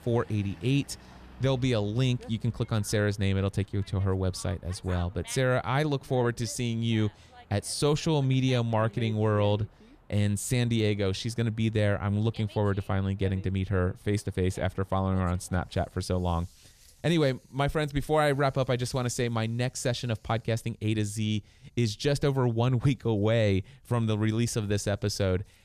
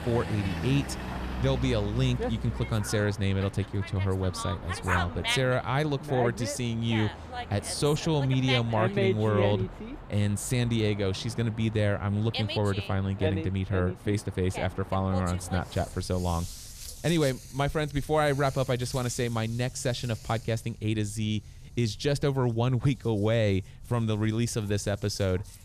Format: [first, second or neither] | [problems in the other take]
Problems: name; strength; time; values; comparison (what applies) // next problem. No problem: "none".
first | animal sounds; loud; throughout; 8 dB below the speech; faint in the first